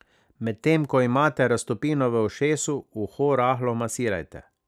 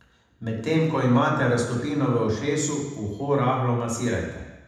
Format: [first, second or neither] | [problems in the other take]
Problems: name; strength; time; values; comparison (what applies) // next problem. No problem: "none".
first | room echo; dies away in 1 s